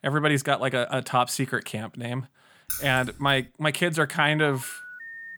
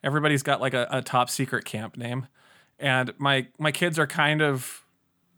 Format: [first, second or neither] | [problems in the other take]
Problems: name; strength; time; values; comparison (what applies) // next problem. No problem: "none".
second | jangling keys; noticeable; at 2.5 s; peak 6 dB below the speech // phone ringing; faint; from 4.5 s on; peak 15 dB below the speech